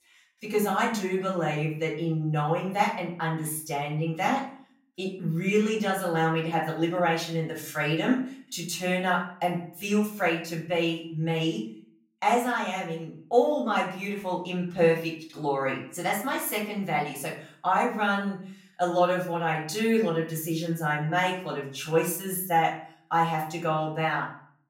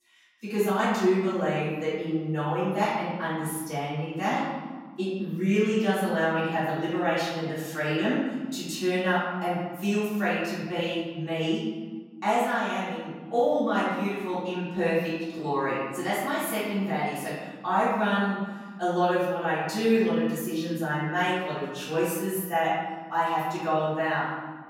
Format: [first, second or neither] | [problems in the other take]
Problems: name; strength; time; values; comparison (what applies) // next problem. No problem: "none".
first | room echo; strong; dies away in 1.4 s; slight in the first // off-mic speech; far; far in the first